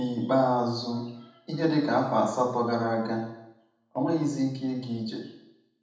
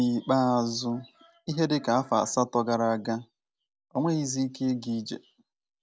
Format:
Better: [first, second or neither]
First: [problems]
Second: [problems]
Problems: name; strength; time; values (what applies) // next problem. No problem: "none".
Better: second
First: room echo; dies away in 0.8 s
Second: none